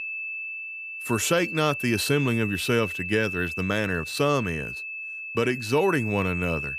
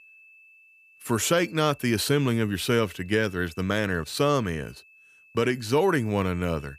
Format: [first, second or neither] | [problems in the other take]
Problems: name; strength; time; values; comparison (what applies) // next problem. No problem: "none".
second | high-pitched whine; loud; throughout; 2.5 kHz, 6 dB below the speech; faint in the second